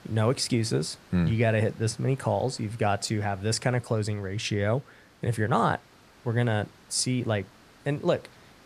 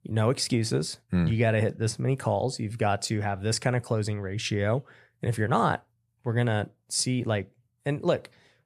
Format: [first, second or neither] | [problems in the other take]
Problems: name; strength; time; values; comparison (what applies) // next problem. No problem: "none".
second | hiss; faint; throughout; 25 dB below the speech